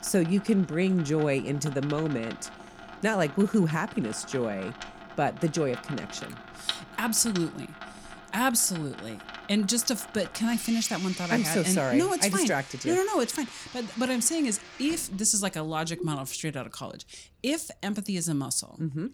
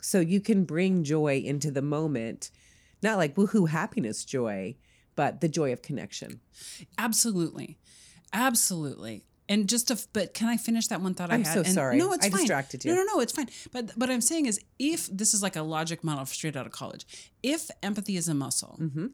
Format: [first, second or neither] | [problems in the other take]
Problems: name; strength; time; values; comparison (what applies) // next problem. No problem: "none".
second | household noises; noticeable; throughout; 15 dB below the speech